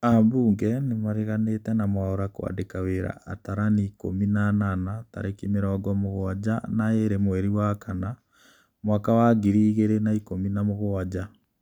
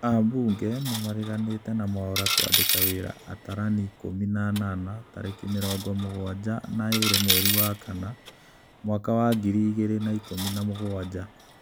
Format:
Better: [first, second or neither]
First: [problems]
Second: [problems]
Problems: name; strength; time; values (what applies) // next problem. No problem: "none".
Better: first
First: none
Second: background sound (Coin (dropping)); 4 dB below the speech